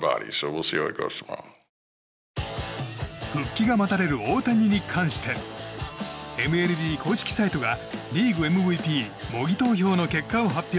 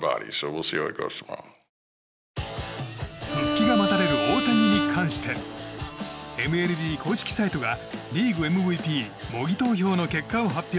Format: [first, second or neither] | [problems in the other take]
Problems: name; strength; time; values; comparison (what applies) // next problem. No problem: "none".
first | background sound (Bowed string instrument); 1 dB below the speech